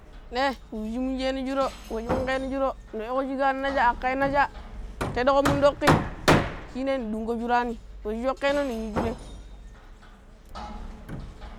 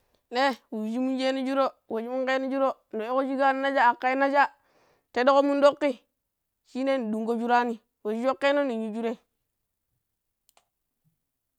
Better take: second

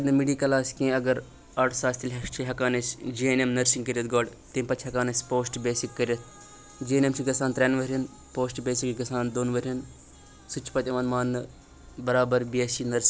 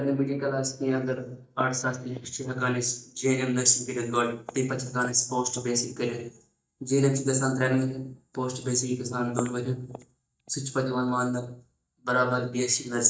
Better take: first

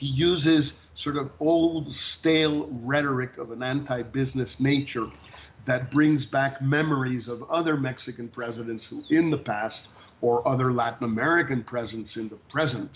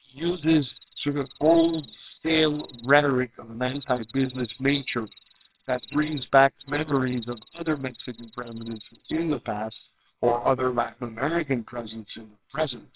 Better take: first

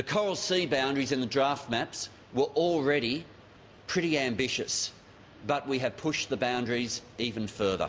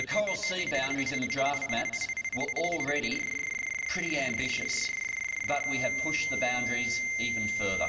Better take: first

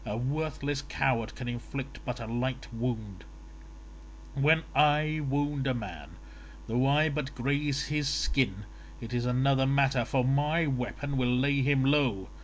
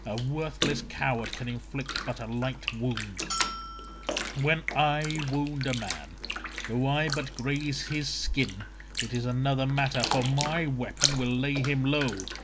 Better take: first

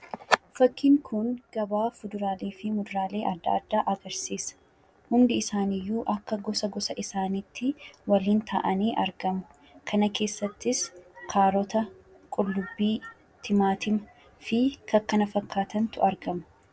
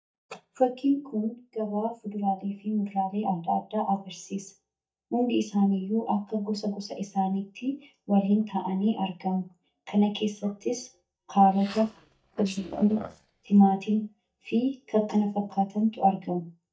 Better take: first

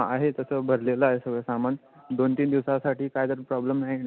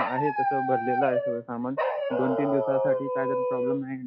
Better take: first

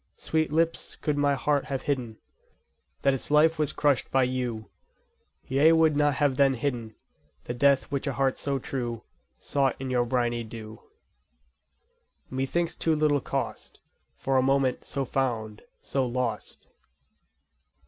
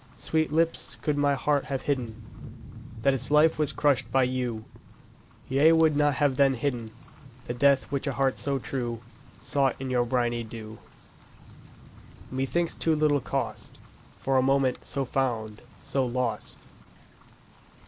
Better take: first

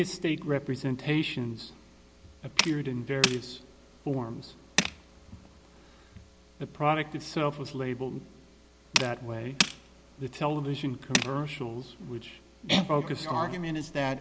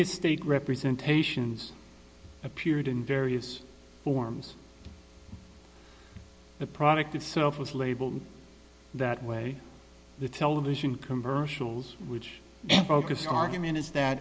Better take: second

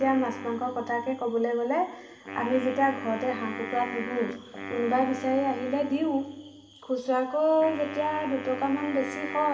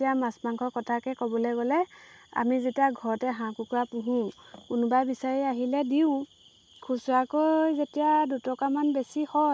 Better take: second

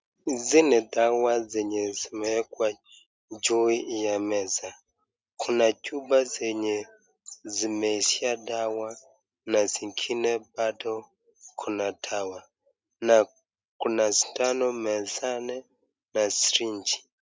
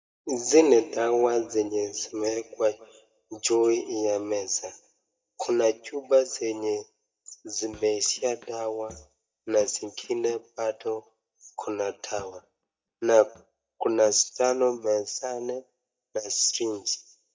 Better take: first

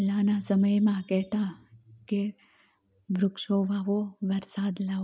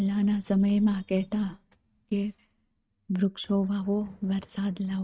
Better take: first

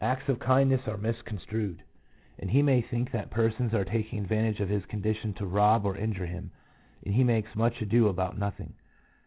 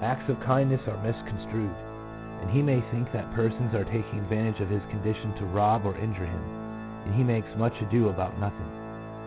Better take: first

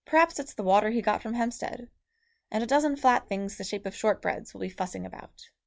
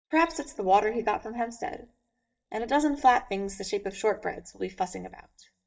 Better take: first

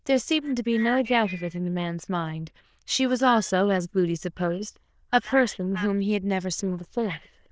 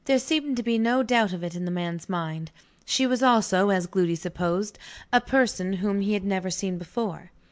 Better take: second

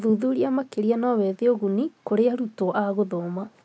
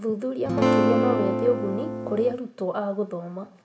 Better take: first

